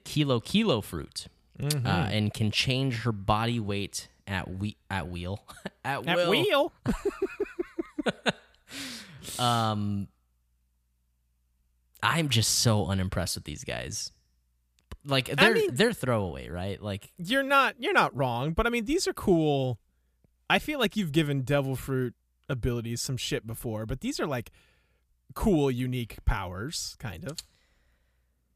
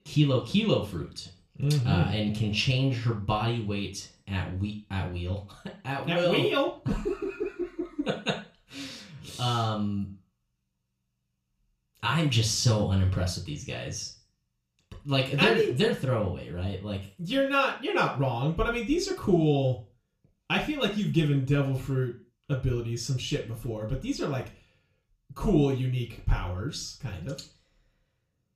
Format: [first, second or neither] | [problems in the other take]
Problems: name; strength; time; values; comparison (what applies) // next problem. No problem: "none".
first | room echo; slight; dies away in 0.3 s // off-mic speech; far